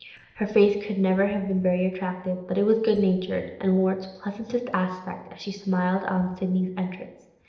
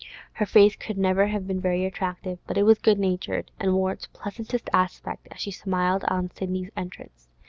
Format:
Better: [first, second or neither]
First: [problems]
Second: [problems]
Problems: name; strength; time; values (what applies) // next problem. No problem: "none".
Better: second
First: noise reduction (neural separator model SepFormer DNS4)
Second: none